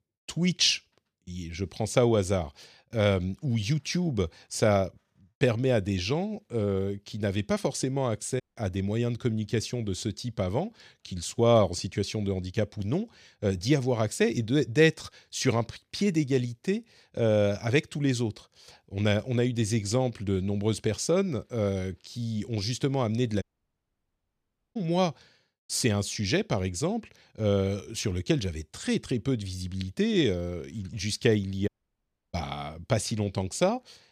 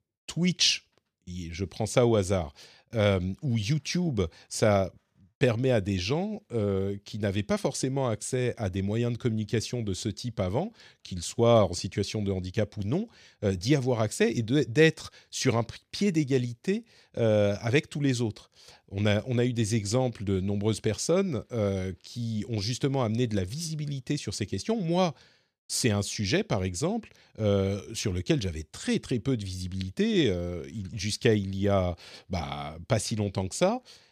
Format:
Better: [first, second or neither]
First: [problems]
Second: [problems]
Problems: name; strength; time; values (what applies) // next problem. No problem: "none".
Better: second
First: audio cutting out; at 8.5 s, at 23 s for 1.5 s and at 32 s for 0.5 s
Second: none